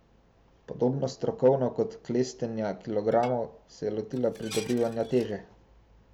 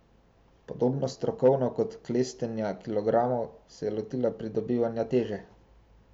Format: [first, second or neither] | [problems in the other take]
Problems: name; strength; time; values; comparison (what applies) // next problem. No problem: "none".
second | background sound (Dishes, pots, and pans); 18 dB below the speech